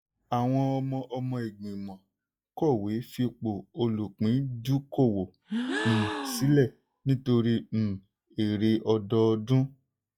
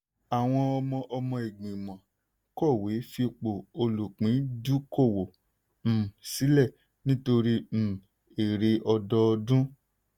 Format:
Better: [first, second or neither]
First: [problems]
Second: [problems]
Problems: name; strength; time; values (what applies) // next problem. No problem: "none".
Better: second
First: noise reduction (classical method log-MMSE)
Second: none